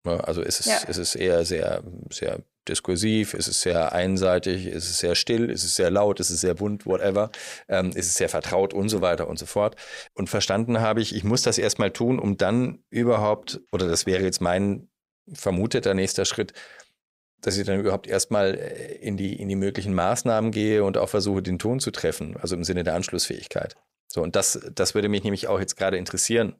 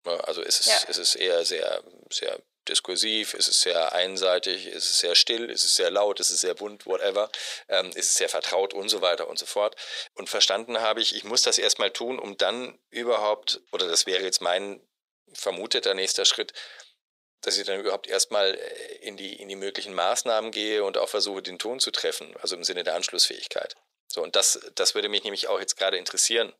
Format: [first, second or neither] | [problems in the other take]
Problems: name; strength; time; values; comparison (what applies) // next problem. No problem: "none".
first | thin; very; fading below 450 Hz